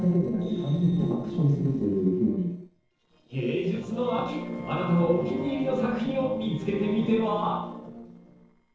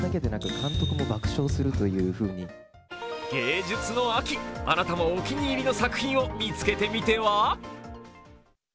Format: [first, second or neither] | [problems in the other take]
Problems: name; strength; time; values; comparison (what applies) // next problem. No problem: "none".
second | noise reduction (neural separator model SepFormer DNS4)